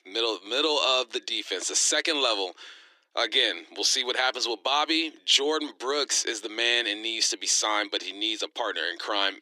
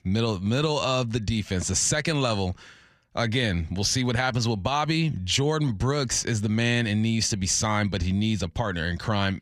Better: second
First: thin; very; fading below 300 Hz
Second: none

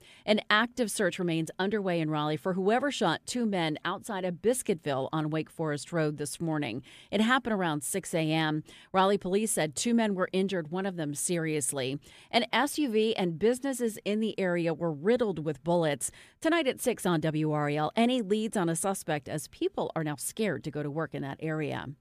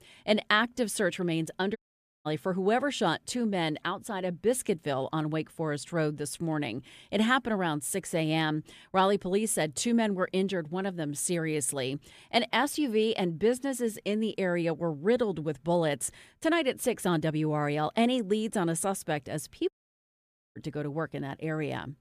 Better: first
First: none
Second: audio cutting out; at 2 s and at 20 s for 1 s

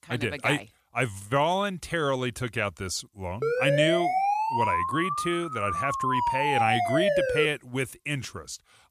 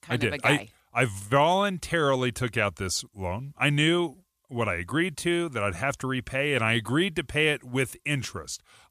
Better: second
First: siren; loud; from 3.5 to 7.5 s; peak 4 dB above the speech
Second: none

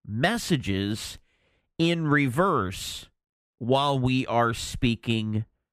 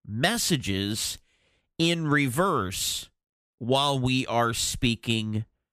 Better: second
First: muffled; slightly; fading above 3 kHz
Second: none

